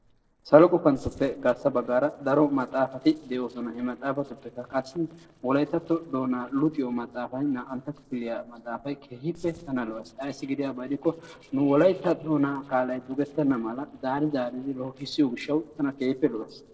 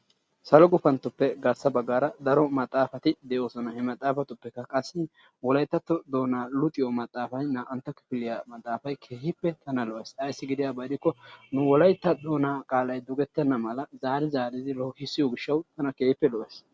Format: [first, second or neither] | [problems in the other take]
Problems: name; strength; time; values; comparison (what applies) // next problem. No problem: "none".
second | noise reduction (neural separator model SepFormer DNS4)